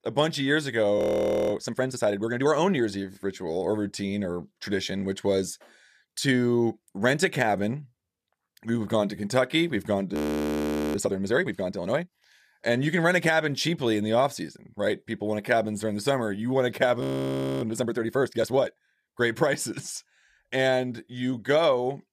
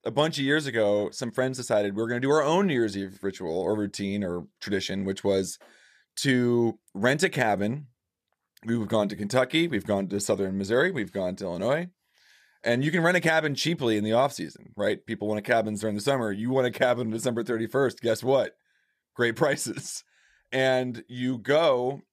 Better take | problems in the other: second | audio freezing; at 1 s for 0.5 s, at 10 s for 1 s and at 17 s for 0.5 s

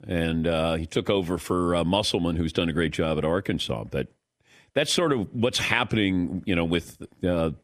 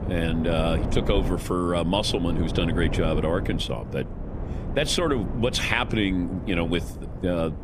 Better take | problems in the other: first | wind noise on the microphone; occasional gusts; 10 dB below the speech

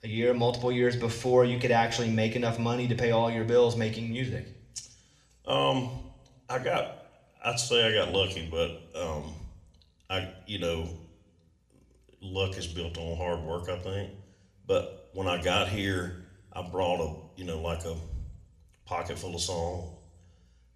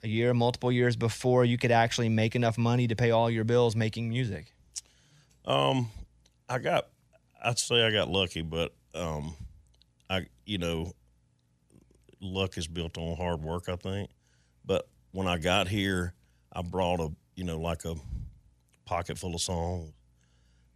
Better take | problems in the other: second | room echo; slight; dies away in 0.7 s

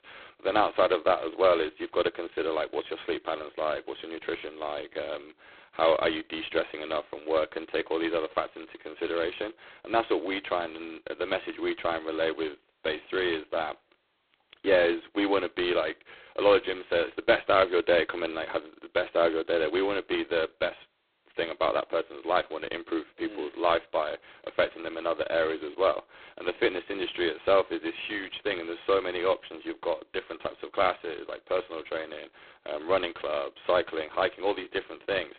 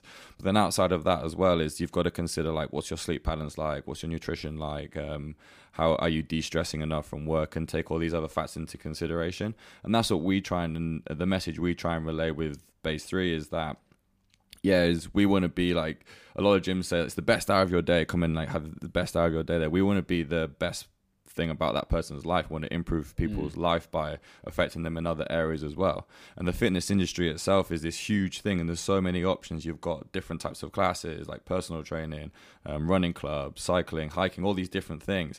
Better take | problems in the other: second | phone-call audio; poor line; nothing above 4 kHz

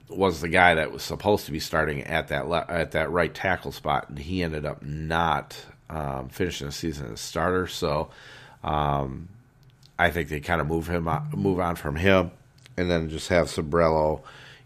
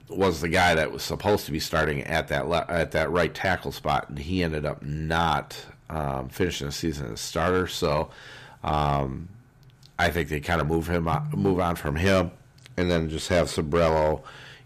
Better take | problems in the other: first | distortion; slight; 3% of the sound clipped

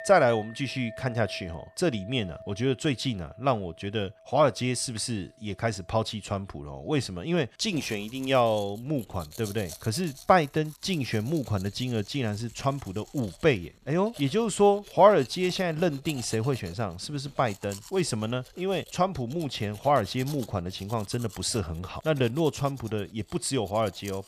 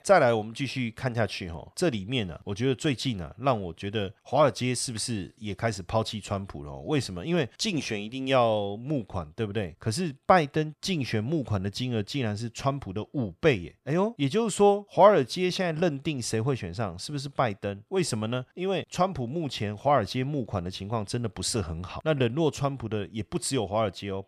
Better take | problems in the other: second | household noises; noticeable; throughout; 20 dB below the speech

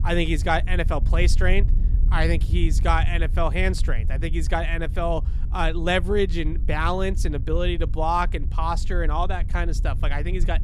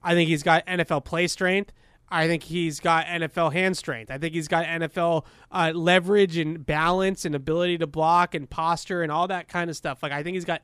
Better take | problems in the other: second | wind noise on the microphone; occasional gusts; 20 dB below the speech

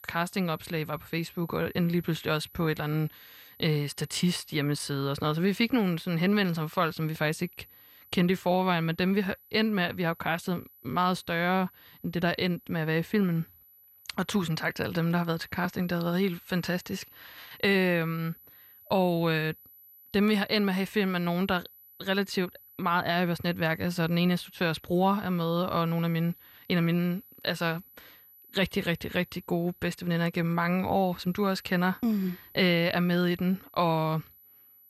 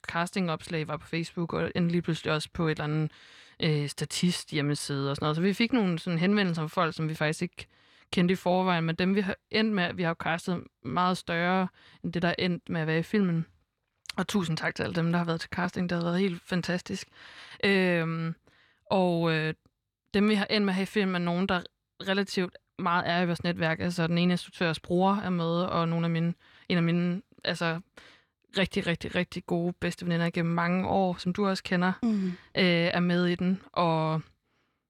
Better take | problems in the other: second | high-pitched whine; faint; throughout; 12 kHz, 25 dB below the speech

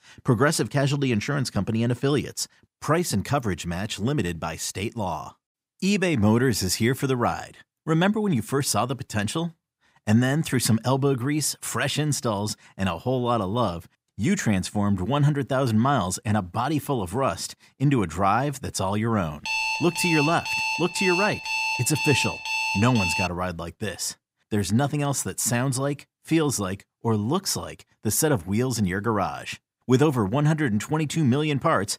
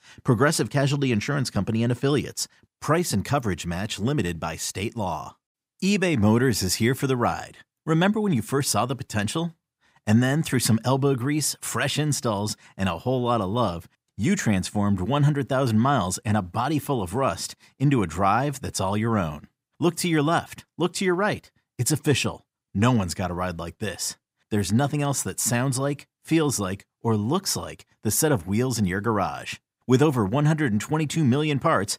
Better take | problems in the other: second | alarm; loud; from 19 to 23 s; peak level with the speech

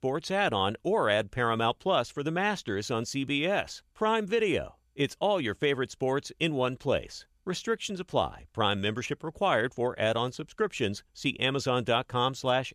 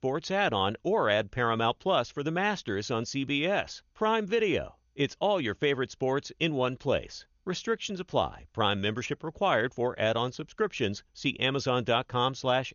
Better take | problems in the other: first | garbled, watery; slightly; nothing above 6.5 kHz

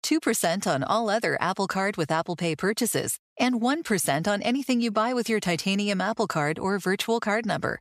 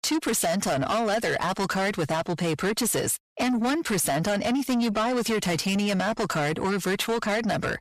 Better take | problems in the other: first | distortion; heavy; 7 dB below the speech

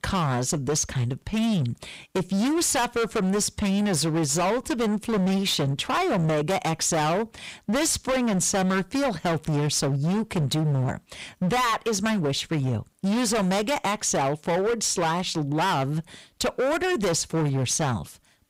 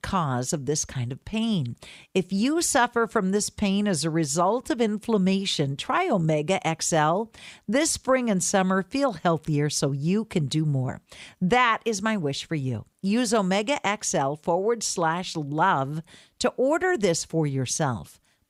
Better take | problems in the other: second | distortion; heavy; 27% of the sound clipped

